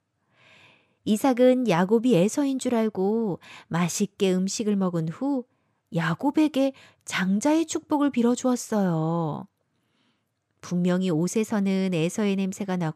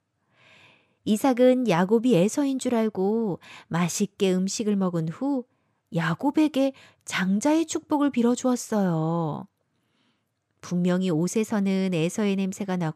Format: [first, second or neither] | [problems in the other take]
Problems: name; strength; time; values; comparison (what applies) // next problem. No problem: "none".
neither | none